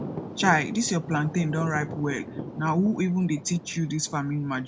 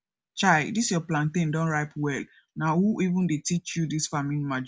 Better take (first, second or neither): second